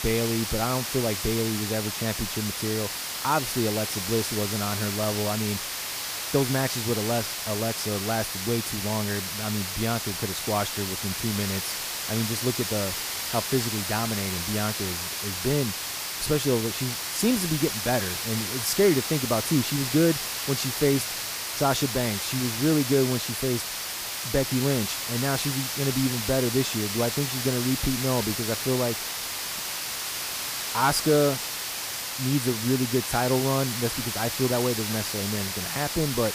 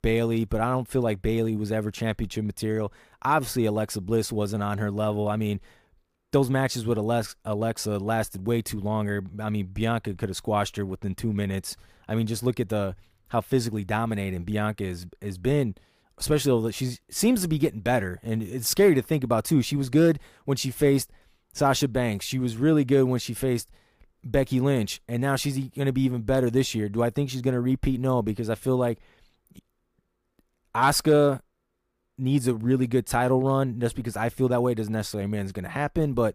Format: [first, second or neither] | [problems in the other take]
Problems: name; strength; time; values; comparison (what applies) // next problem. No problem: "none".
second | hiss; loud; throughout; 1 dB below the speech